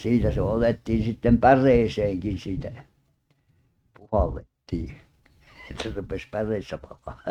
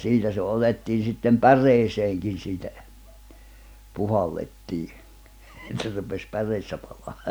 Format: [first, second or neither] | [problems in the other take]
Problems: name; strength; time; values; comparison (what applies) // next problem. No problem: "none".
second | noise reduction (neural mask model RNNoise)